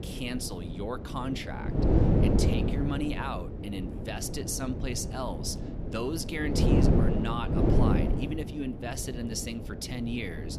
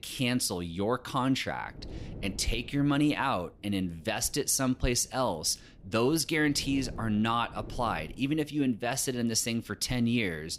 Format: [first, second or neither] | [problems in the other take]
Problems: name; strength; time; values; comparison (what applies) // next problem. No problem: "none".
second | wind noise on the microphone; heavy; as loud as the speech; occasional gusts in the second